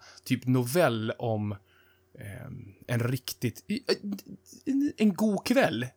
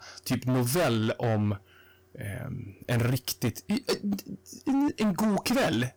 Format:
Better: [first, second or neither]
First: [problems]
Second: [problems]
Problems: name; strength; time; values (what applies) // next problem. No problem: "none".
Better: first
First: none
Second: distortion; heavy; 17% of the sound clipped